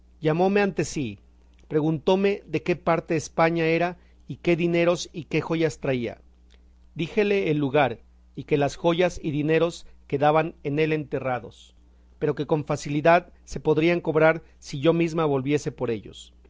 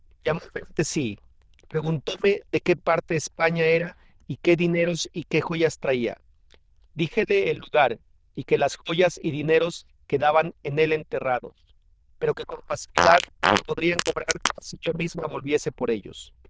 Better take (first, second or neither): first